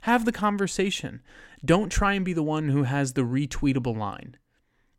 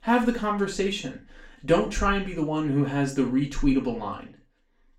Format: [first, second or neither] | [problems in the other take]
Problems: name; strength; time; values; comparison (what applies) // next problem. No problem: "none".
first | room echo; slight; dies away in 0.3 s // off-mic speech; far